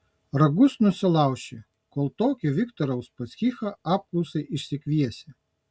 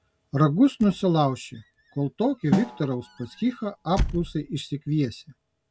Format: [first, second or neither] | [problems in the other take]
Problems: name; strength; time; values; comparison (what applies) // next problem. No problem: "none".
first | background sound (Squeak / Slam / Wood + Snare drum); 8 dB below the speech